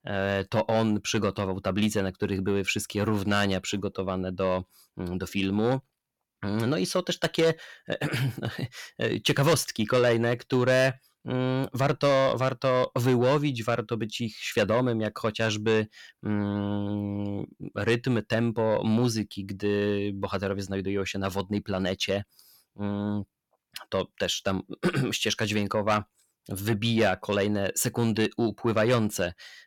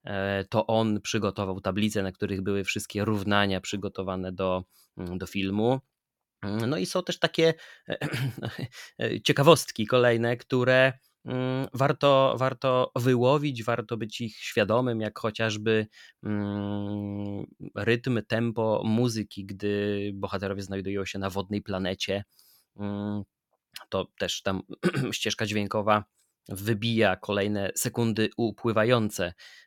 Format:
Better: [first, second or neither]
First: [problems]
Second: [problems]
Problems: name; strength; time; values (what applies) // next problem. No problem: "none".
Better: second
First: distortion; slight; 10 dB below the speech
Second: none